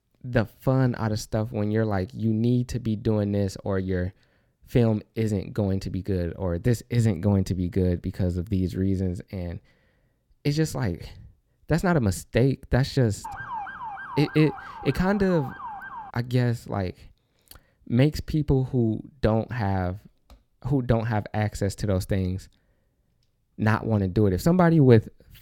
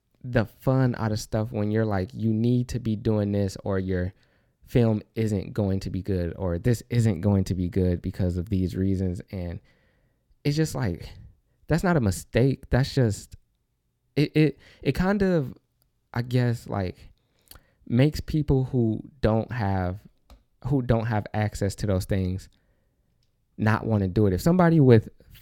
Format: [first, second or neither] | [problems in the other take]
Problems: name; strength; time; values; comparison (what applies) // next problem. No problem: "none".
second | siren; noticeable; from 13 to 16 s; peak 9 dB below the speech